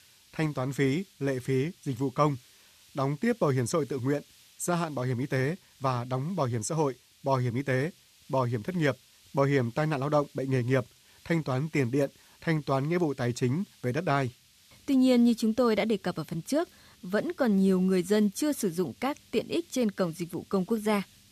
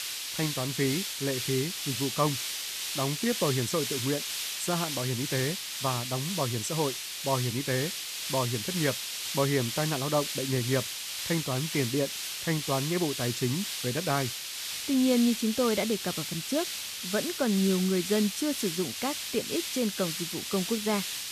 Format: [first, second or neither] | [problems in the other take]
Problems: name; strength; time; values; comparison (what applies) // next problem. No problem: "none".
first | hiss; loud; throughout; 2 dB below the speech; faint in the first